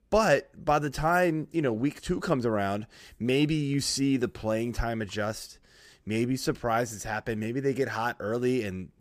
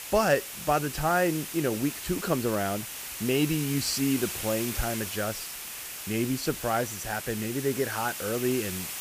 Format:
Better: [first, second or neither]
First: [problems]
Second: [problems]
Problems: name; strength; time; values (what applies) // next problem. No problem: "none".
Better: first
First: none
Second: hiss; loud; throughout; 6 dB below the speech